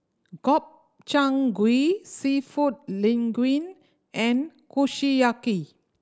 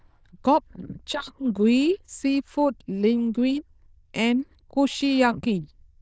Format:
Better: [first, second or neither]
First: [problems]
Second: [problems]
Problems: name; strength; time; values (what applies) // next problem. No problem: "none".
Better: first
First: none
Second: noise reduction (neural diffusion model UNIVERSE++)